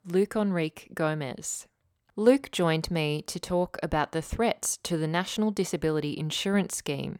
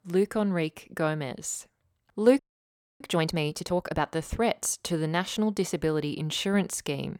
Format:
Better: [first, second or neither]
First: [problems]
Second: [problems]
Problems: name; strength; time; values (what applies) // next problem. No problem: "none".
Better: first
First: none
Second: audio freezing; at 2.5 s for 0.5 s